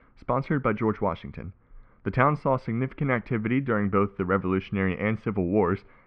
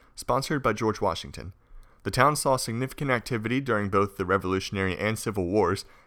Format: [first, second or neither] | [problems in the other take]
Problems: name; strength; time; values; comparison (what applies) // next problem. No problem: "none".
second | muffled; very; fading above 2.5 kHz